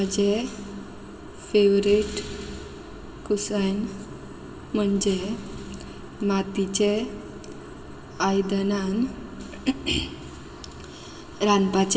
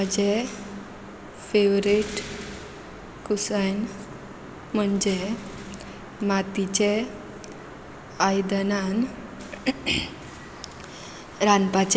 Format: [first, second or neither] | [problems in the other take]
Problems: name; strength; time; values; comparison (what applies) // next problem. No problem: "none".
second | room echo; dies away in 2.5 s